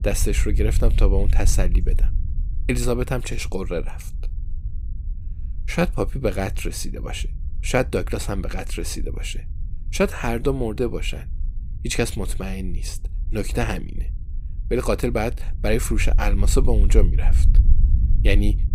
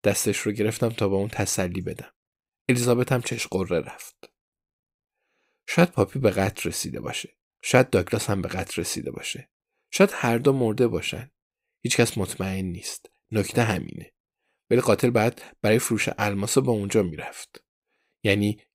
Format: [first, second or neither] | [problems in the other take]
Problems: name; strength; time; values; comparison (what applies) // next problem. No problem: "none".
second | low rumble; noticeable; throughout; 20 dB below the speech